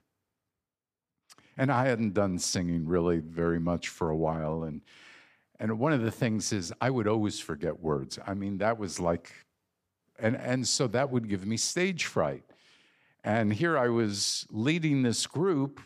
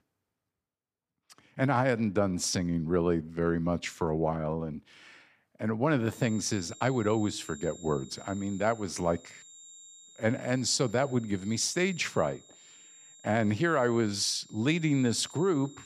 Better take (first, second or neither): first